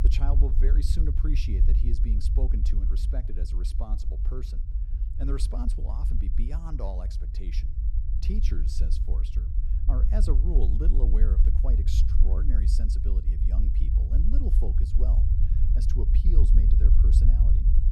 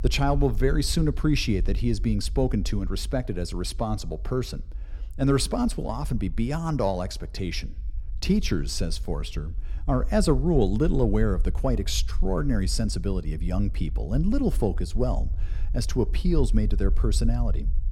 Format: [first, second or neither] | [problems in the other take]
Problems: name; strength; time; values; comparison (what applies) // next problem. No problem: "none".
second | low rumble; loud; throughout; 3 dB below the speech; faint in the second